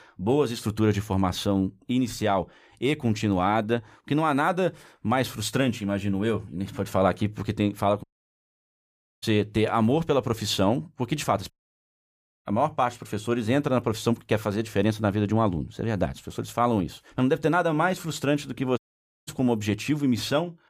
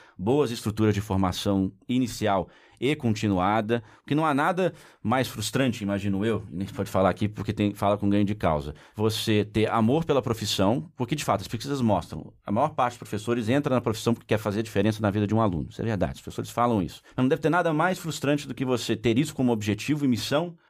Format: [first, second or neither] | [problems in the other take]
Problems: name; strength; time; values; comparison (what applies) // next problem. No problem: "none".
second | audio cutting out; at 8 s for 1 s, at 12 s for 1 s and at 19 s